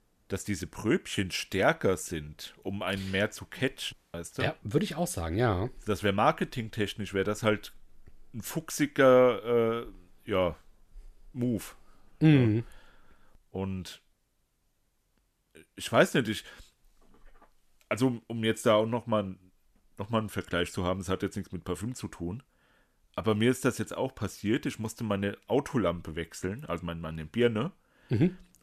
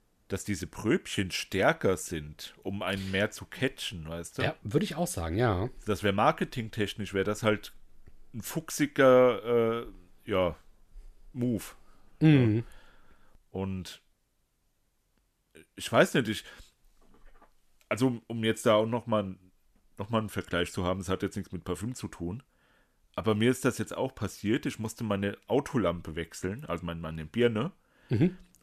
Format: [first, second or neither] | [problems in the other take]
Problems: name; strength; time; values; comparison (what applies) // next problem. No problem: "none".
second | audio cutting out; at 4 s